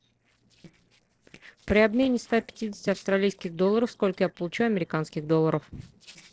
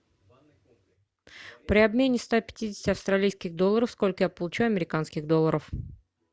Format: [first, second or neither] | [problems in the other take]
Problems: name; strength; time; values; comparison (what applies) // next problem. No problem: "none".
second | noise reduction (neural separator model SepFormer DNS4)